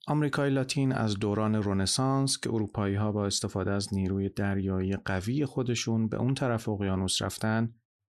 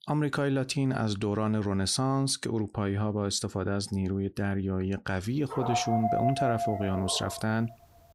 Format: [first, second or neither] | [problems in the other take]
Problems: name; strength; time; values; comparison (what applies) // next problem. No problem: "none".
first | dog barking; loud; from 5.5 to 7.5 s; peak 1 dB above the speech